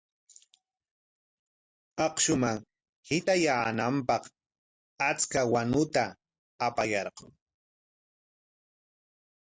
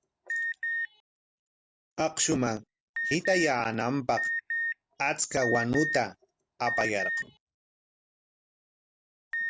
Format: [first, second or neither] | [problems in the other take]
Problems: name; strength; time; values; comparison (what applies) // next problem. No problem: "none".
first | background sound (Alarm); 4 dB below the speech